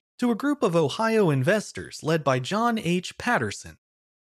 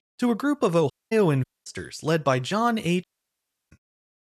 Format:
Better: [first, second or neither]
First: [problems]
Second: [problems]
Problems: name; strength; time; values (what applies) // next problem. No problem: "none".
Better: first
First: none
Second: audio cutting out; at 1 s, at 1.5 s and at 3 s for 0.5 s